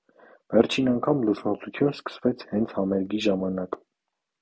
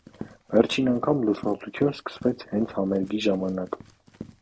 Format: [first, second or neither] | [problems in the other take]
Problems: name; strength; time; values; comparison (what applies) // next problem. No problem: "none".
first | background sound (Run); 19 dB below the speech